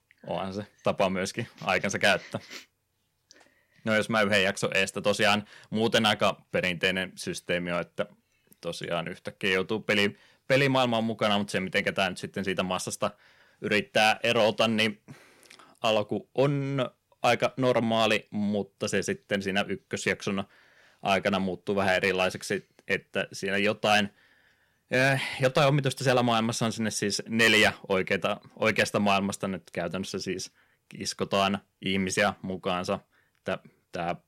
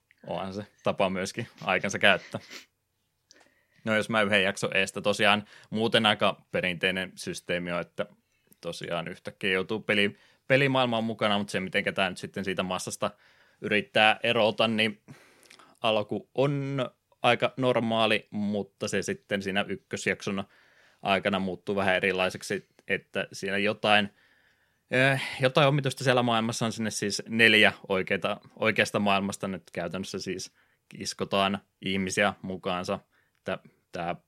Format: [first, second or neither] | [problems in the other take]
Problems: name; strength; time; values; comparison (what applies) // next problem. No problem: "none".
second | distortion; slight; 1% of the sound clipped